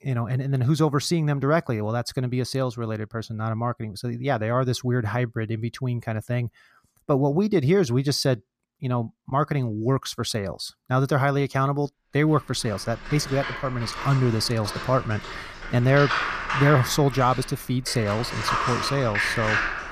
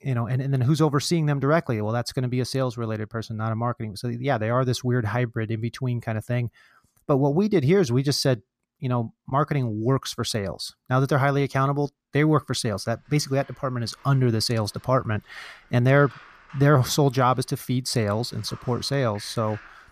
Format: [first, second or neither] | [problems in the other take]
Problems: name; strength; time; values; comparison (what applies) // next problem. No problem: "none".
second | machinery noise; loud; from 13 s on; 5 dB below the speech; faint in the second